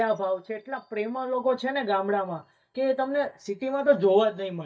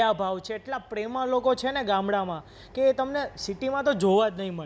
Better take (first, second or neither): second